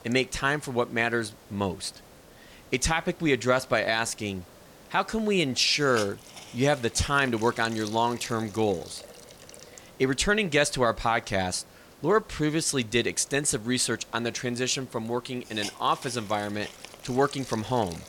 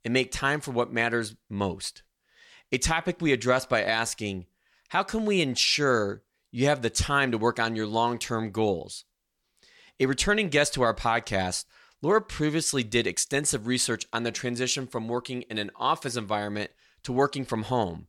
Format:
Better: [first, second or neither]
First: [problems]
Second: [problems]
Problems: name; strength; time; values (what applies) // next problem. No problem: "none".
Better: second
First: hiss; noticeable; throughout; 20 dB below the speech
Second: none